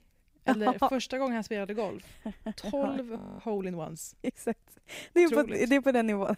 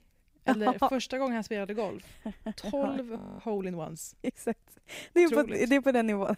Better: neither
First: audio freezing; at 3 s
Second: audio freezing; at 3 s

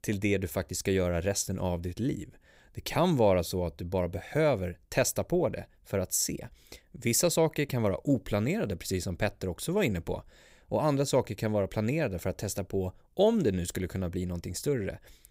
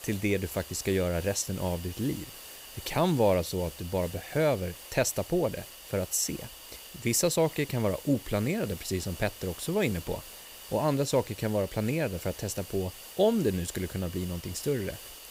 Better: first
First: none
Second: hiss; noticeable; throughout; 15 dB below the speech

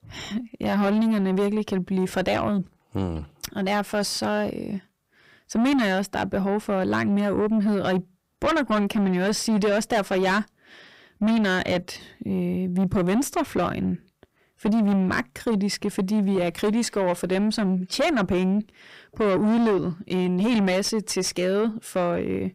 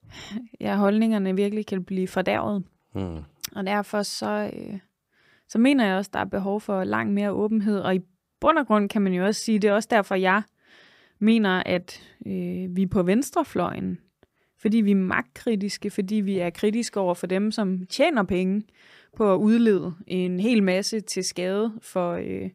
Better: second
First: distortion; heavy; 7 dB below the speech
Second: none

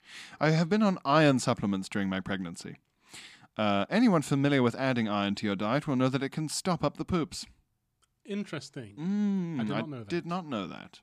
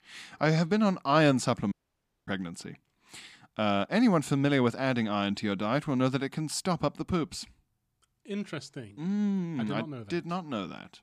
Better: first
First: none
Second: audio cutting out; at 1.5 s for 0.5 s

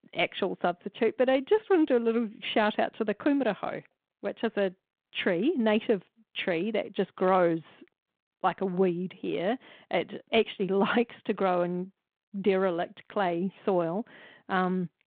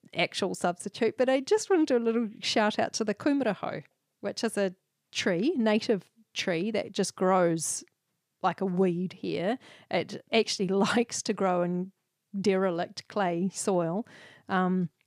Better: second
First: phone-call audio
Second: none

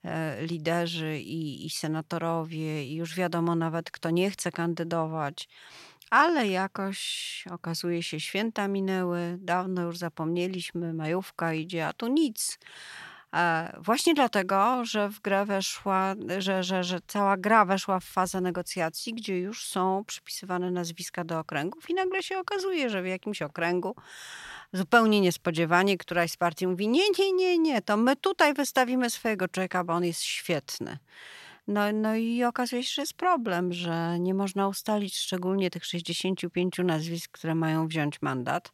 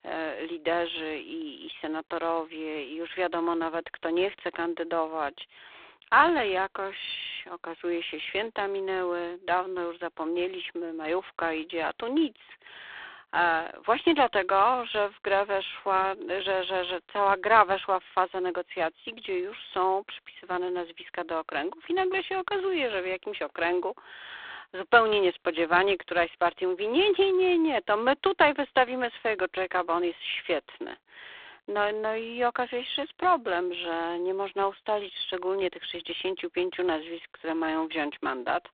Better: first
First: none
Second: phone-call audio; poor line

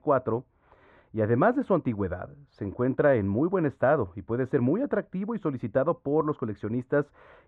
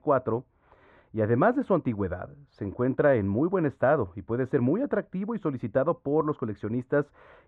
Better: neither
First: muffled; very; fading above 3.5 kHz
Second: muffled; very; fading above 3.5 kHz

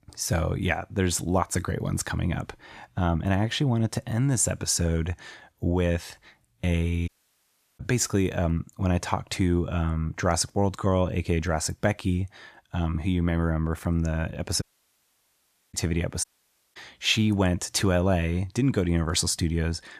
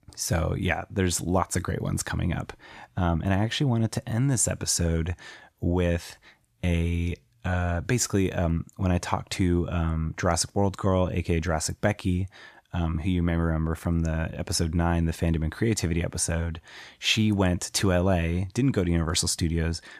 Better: second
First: audio cutting out; at 7 s for 0.5 s, at 15 s for 1 s and at 16 s for 0.5 s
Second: none

